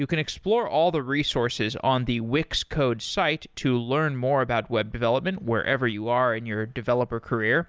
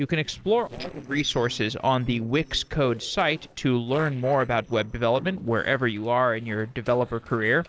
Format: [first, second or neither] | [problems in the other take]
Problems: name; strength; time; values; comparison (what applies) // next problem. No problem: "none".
first | noise reduction (neural separator model SepFormer DNS4)